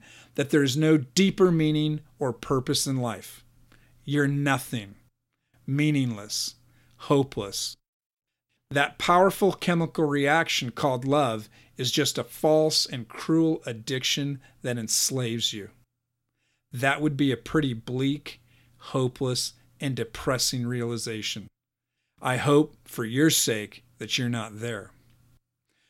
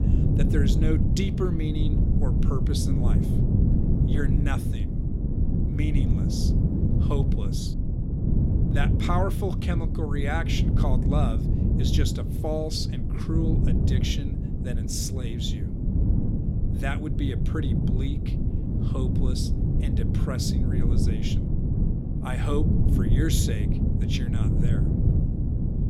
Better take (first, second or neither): first